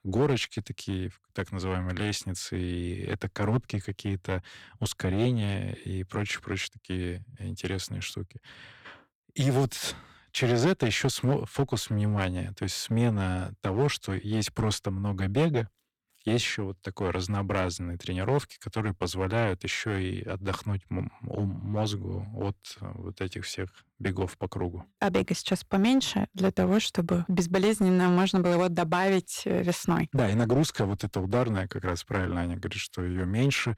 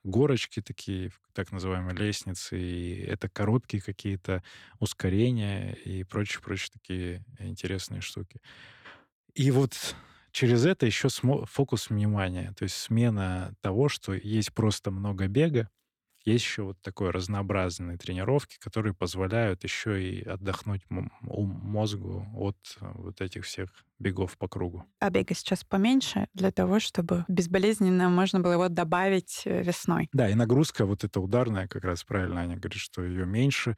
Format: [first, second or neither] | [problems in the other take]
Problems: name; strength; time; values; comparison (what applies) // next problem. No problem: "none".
second | distortion; slight; 5% of the sound clipped